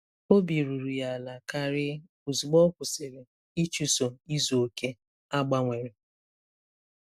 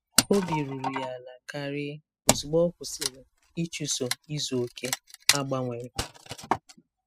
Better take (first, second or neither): first